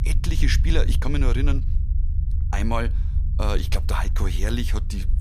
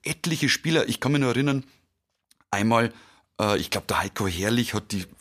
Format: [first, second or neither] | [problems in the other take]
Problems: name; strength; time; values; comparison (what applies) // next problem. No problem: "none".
second | low rumble; noticeable; throughout; 15 dB below the speech